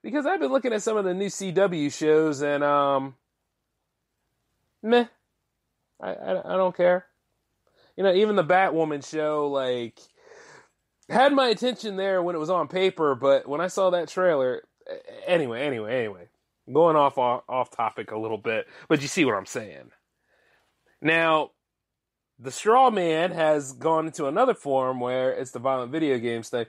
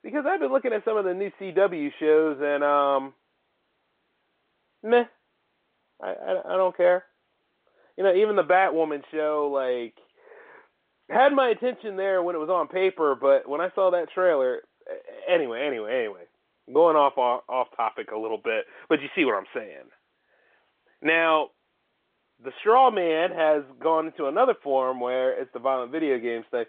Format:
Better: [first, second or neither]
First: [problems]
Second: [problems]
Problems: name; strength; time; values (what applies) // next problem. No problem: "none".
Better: first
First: none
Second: phone-call audio